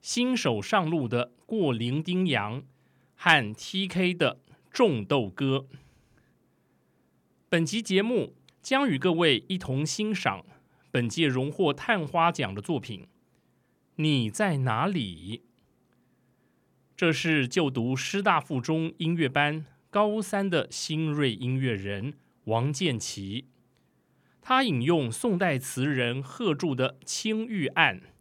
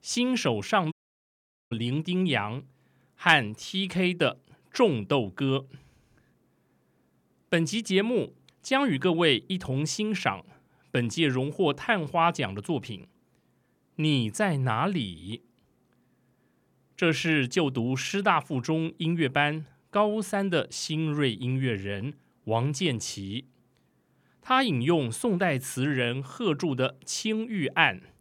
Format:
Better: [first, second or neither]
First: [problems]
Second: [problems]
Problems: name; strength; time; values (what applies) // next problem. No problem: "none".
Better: first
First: none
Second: audio cutting out; at 1 s for 1 s